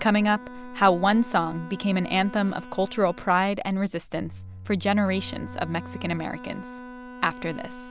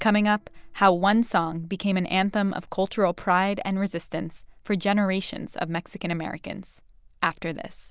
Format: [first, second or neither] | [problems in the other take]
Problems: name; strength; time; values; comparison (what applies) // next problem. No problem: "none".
second | background sound (Bowed string instrument + Bowed string instrument); 15 dB below the speech